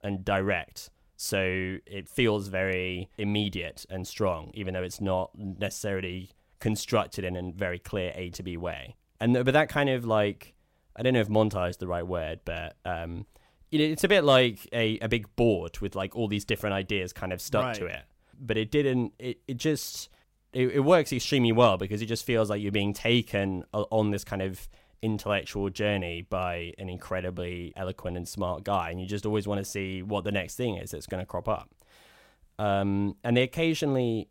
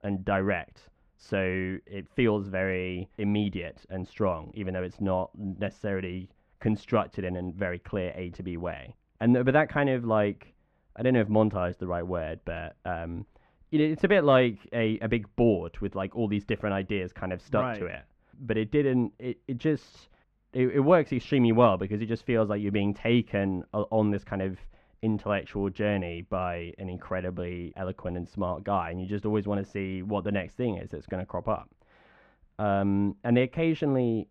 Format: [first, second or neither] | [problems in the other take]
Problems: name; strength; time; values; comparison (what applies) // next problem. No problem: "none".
first | muffled; very; fading above 2 kHz